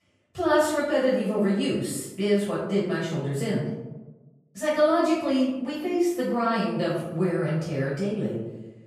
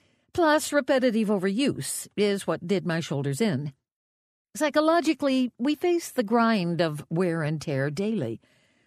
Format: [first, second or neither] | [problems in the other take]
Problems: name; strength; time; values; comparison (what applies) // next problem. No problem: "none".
second | off-mic speech; far // room echo; noticeable; dies away in 0.8 s